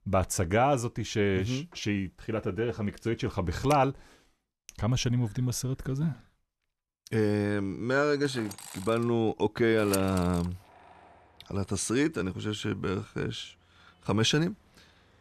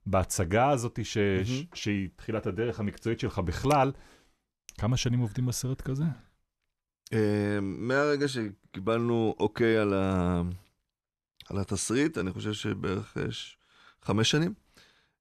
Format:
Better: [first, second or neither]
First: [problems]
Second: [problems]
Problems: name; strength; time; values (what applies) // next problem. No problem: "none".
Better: second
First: machinery noise; noticeable; from 8 s on; 15 dB below the speech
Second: none